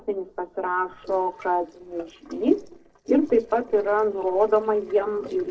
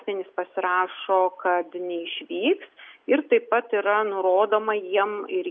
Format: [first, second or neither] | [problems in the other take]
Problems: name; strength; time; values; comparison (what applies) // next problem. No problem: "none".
second | noise reduction (neural separator model SepFormer DNS4)